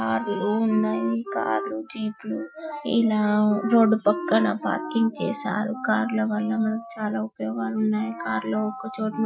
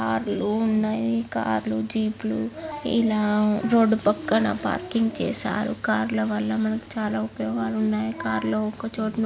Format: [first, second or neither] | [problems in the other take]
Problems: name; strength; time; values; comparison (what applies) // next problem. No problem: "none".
second | noise reduction (classical method Wiener filter)